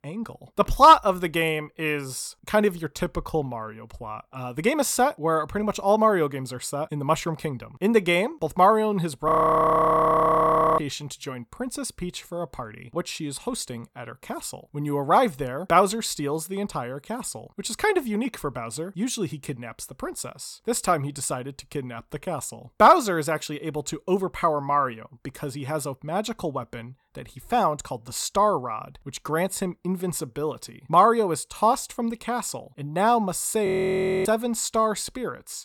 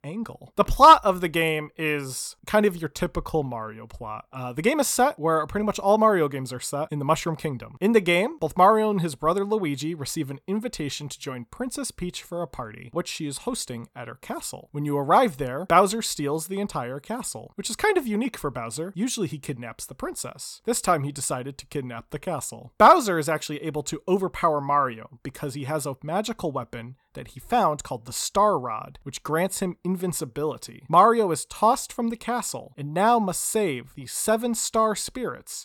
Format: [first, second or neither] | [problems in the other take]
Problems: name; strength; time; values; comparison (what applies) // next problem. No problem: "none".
second | audio freezing; at 9.5 s for 1.5 s and at 34 s for 0.5 s